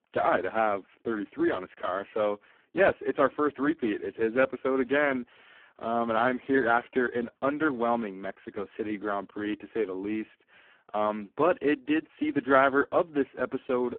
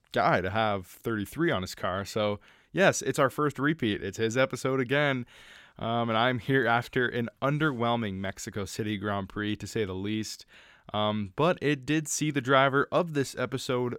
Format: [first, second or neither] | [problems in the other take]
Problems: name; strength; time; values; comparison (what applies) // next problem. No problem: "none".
second | phone-call audio; poor line